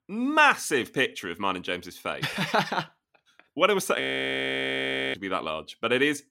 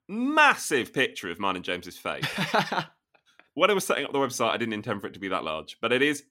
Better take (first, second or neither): second